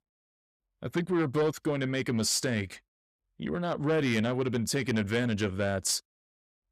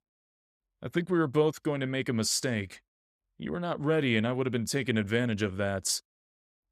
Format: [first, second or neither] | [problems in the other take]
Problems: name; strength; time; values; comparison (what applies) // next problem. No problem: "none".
second | distortion; slight; 10 dB below the speech